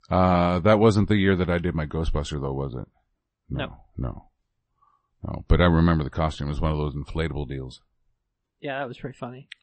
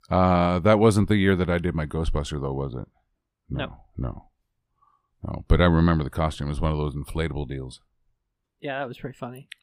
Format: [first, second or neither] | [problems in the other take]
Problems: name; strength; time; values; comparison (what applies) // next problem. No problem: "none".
second | garbled, watery; slightly; nothing above 8 kHz